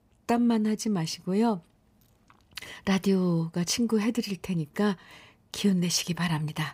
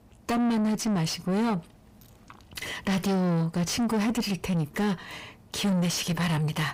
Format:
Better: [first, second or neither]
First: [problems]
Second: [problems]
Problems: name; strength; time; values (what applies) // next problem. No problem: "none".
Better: first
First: none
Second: distortion; heavy; 6 dB below the speech